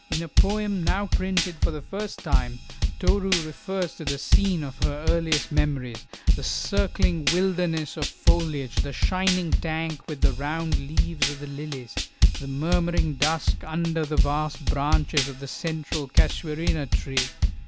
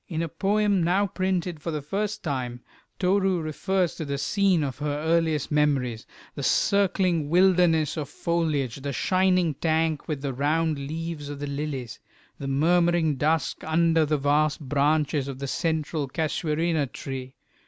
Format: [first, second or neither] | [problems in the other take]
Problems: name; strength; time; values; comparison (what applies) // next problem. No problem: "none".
second | background sound (Drum kit); 4 dB above the speech